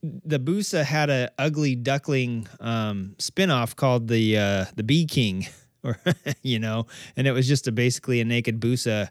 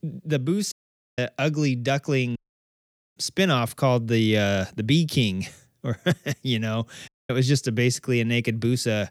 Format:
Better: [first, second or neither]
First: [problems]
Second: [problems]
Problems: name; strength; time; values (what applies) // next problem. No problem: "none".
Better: first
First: none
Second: audio cutting out; at 0.5 s, at 2.5 s for 1 s and at 7 s